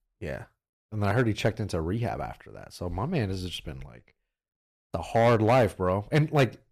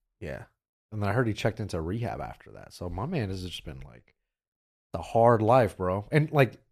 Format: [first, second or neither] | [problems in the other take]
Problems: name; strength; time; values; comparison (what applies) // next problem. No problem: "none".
second | distortion; slight; 3% of the sound clipped